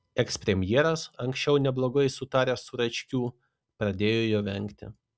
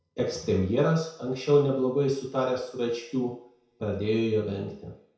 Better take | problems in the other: first | room echo; dies away in 0.5 s

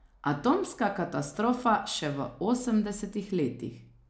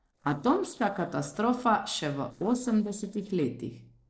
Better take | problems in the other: first | noise reduction (neural separator model SepFormer DNS4)

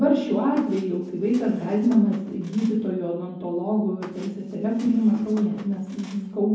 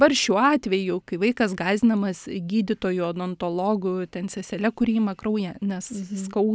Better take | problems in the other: second | background sound (Squeak); 19 dB below the speech // room echo; dies away in 0.9 s

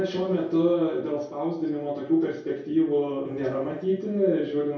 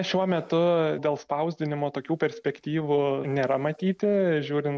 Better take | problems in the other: second | room echo; dies away in 0.6 s

